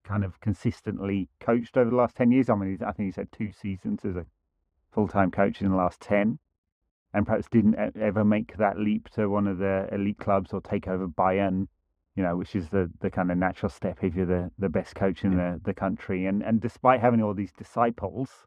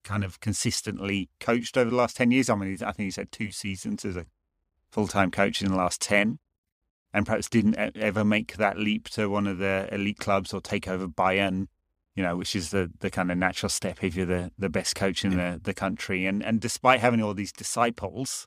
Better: second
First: muffled; very; fading above 2.5 kHz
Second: none

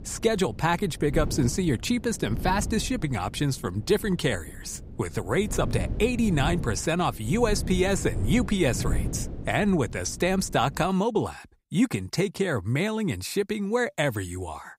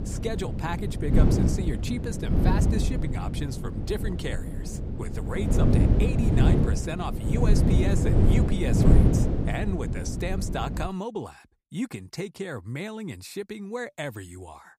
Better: first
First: wind noise on the microphone; occasional gusts; until 11 s; 15 dB below the speech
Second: wind noise on the microphone; heavy; until 11 s; 1 dB above the speech

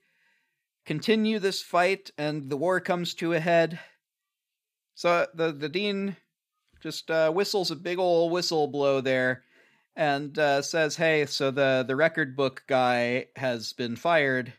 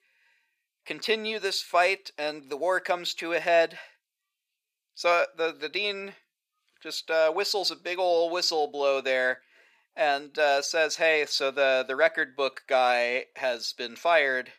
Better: first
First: none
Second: thin; somewhat; fading below 550 Hz

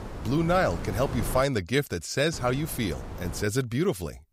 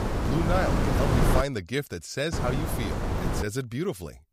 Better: first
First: wind noise on the microphone; occasional gusts; until 1.5 s and from 2.5 to 3.5 s; 15 dB below the speech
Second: wind noise on the microphone; heavy; until 1.5 s and from 2.5 to 3.5 s; as loud as the speech

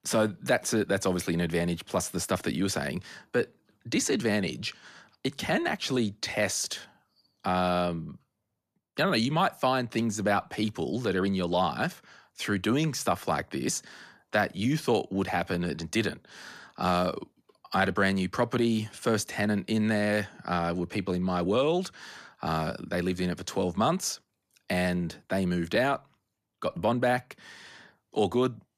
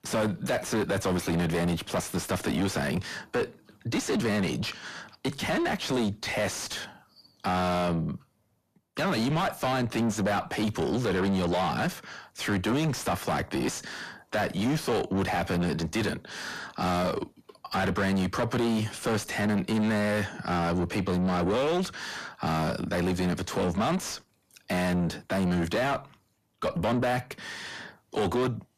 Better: first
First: none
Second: distortion; heavy; 6 dB below the speech

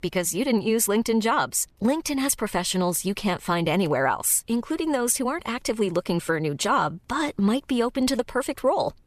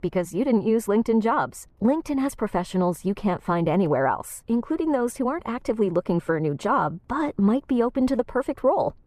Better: first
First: none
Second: muffled; very; fading above 2 kHz

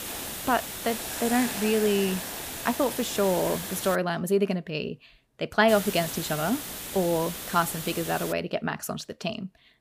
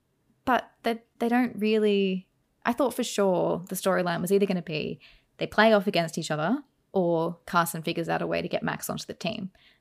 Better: second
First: hiss; loud; until 4 s and from 5.5 to 8.5 s; 6 dB below the speech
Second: none

